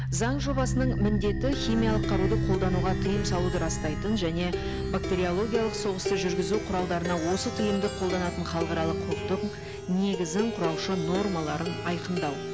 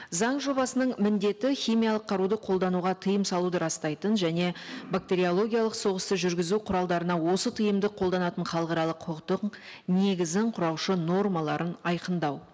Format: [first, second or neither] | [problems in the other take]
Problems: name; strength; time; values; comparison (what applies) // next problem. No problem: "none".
second | background sound (Plucked string instrument); 1 dB below the speech